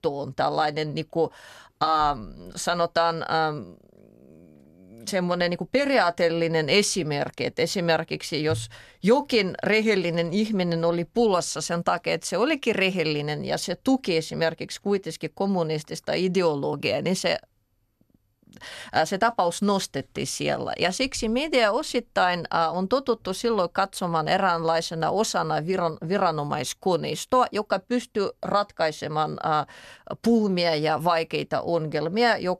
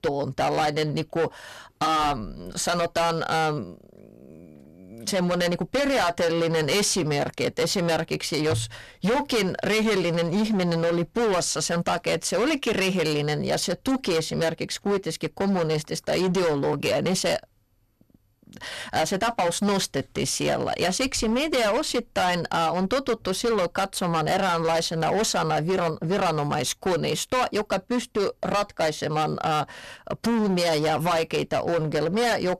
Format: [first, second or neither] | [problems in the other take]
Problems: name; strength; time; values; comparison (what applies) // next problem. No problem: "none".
first | distortion; heavy; 19% of the sound clipped